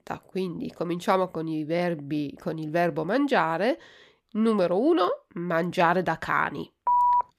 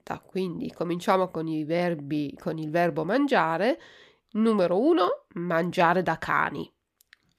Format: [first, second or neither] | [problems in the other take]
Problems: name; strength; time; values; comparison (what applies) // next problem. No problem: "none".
second | phone ringing; loud; at 7 s; peak 5 dB above the speech